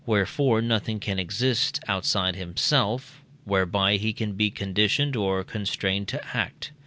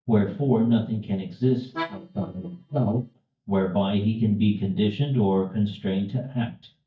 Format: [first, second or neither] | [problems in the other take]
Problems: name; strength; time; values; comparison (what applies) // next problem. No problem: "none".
first | noise reduction (neural mask model DeepFilterNet 3)